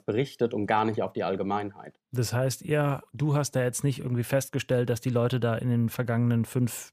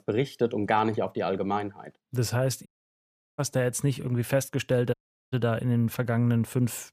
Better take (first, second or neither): first